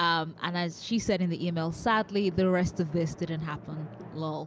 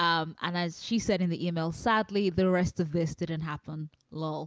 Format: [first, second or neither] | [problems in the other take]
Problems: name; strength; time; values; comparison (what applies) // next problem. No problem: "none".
second | background sound (Drum); 18 dB below the speech